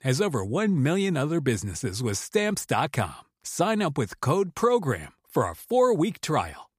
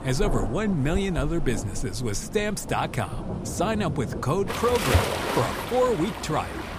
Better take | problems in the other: first | rain or running water; loud; throughout; 4 dB below the speech

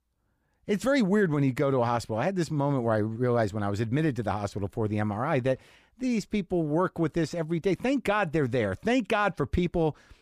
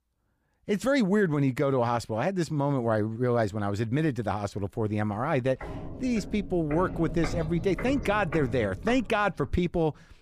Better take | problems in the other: first | footsteps; noticeable; from 5.5 to 9.5 s; peak 7 dB below the speech

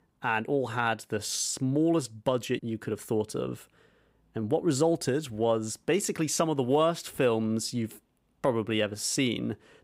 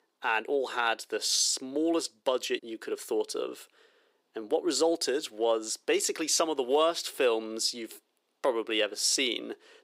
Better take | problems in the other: first | thin; somewhat; fading below 350 Hz

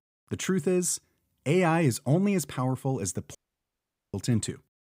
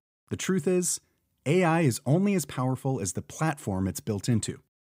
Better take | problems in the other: second | audio cutting out; at 3.5 s for 1 s

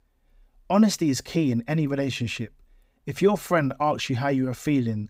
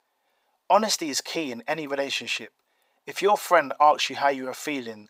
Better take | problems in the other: first | thin; very; fading below 650 Hz

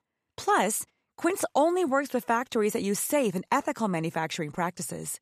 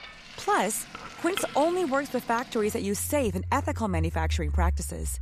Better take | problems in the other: first | household noises; loud; throughout; 7 dB below the speech

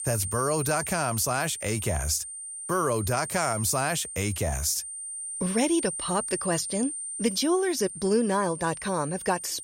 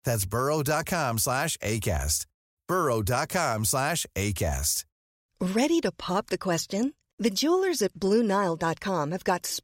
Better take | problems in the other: second | high-pitched whine; loud; throughout; 9 kHz, 6 dB below the speech

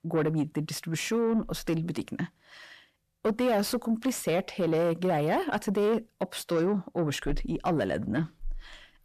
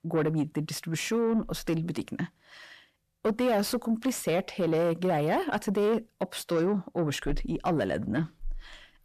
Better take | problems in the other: neither | distortion; slight; 10 dB below the speech; the same in both

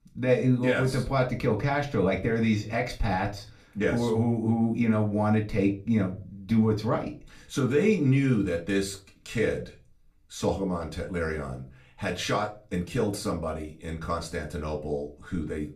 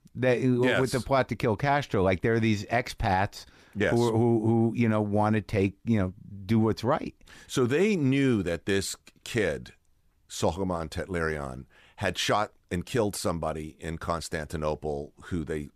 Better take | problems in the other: second | off-mic speech; far // room echo; very slight; dies away in 0.3 s

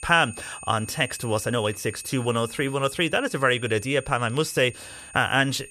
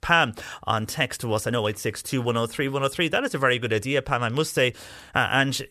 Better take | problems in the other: second | high-pitched whine; noticeable; throughout; 9 kHz, 15 dB below the speech

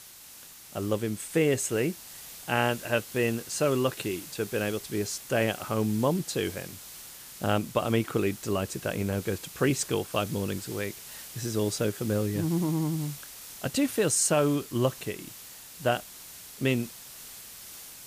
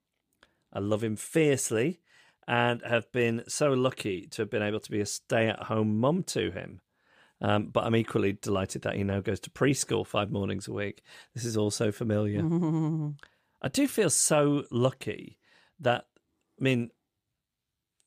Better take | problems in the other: second | hiss; noticeable; throughout; 15 dB below the speech

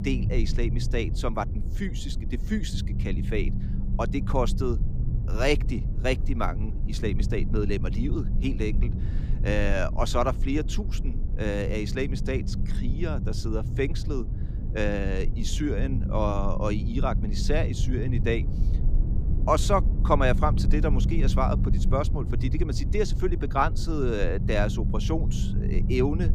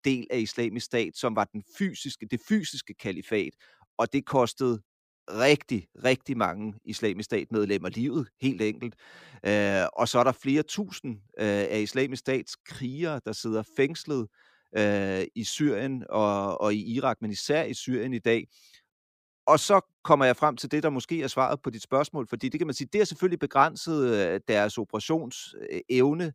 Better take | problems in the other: second | low rumble; noticeable; throughout; 10 dB below the speech

